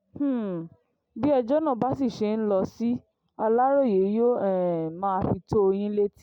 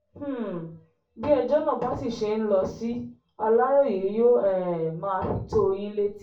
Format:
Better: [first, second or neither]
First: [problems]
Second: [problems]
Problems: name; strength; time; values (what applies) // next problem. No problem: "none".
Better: first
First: none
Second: room echo; dies away in 0.3 s